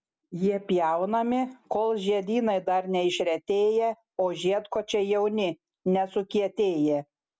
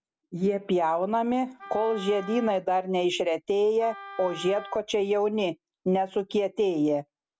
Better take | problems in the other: first | background sound (Wind instrument, woodwind instrument); 18 dB below the speech

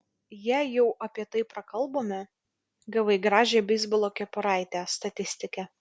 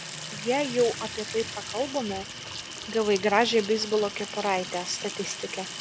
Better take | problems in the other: first | background sound (Sink (filling or washing) / Water tap, faucet); 9 dB below the speech

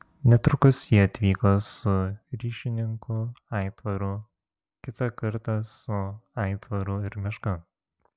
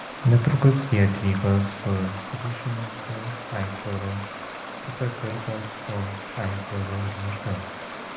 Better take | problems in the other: first | background sound (Stream); 10 dB below the speech // room echo; dies away in 0.9 s

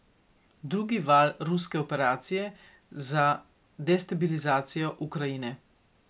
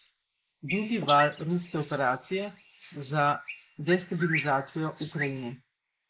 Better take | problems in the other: first | noise reduction (neural mask model Resemble Enhance denoiser)

